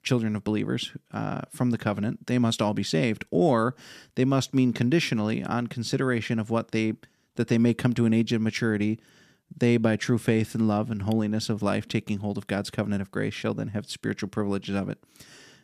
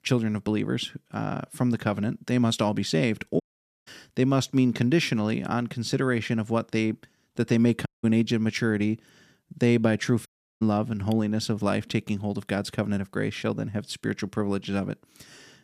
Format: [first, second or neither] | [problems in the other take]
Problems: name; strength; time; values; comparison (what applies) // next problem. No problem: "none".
first | audio cutting out; at 3.5 s, at 8 s and at 10 s